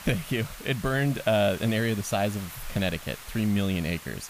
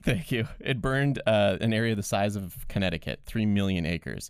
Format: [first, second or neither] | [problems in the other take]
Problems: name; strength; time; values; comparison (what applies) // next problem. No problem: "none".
second | hiss; noticeable; throughout; 15 dB below the speech